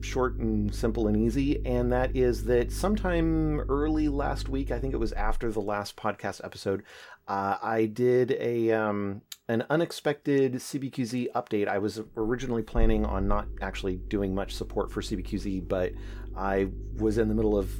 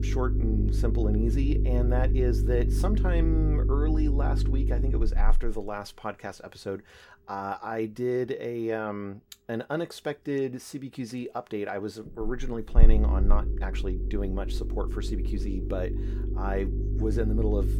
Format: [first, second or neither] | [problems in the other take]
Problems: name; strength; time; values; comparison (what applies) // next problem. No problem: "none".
first | low rumble; loud; throughout; 7 dB below the speech; faint in the first